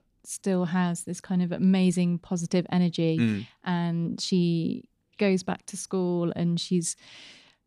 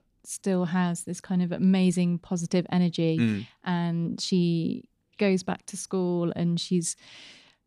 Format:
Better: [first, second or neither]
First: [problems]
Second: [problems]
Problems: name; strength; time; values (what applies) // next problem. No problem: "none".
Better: neither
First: none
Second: none